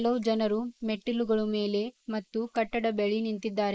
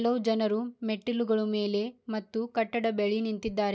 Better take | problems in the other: second | noise reduction (neural mask model Resemble Enhance denoiser)

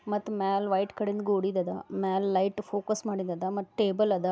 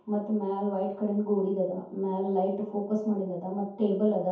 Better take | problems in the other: first | room echo; dies away in 0.6 s

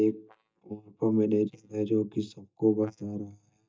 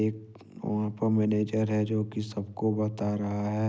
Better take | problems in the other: second | noise reduction (neural mask model DeepFilterNet 3)

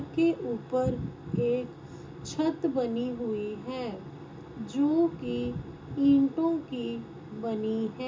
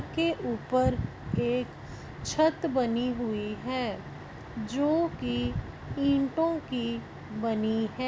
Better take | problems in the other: second | room echo; dies away in 0.2 s

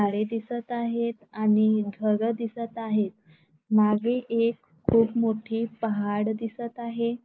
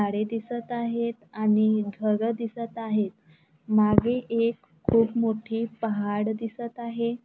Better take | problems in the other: second | noise reduction (neural mask model Resemble Enhance denoiser)

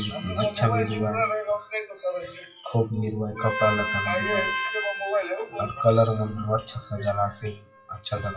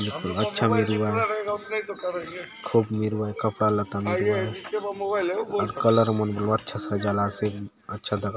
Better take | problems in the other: second | noise reduction (classical method WPE with log-MMSE)

